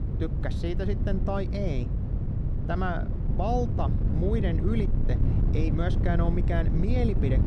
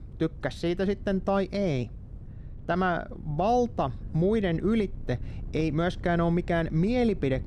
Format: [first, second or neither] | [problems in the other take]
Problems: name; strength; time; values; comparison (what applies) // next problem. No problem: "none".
second | wind noise on the microphone; heavy; 6 dB below the speech; occasional gusts in the second